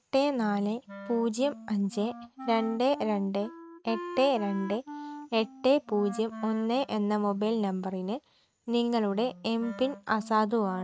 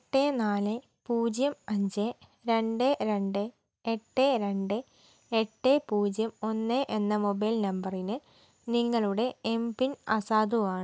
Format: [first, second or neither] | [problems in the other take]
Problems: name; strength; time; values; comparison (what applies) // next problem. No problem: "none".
second | noise reduction (neural mask model RNNoise)